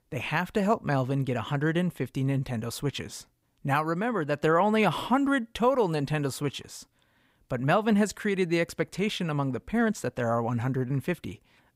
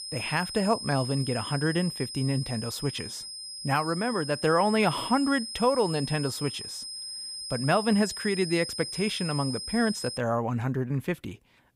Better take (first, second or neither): first